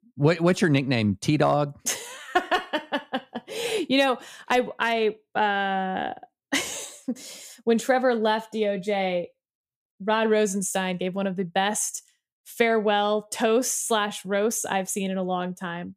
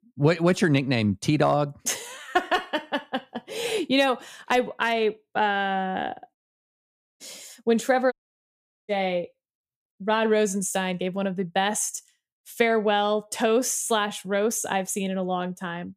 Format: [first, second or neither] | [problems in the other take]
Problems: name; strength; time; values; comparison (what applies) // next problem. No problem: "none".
first | audio cutting out; at 6.5 s for 1 s and at 8 s for 1 s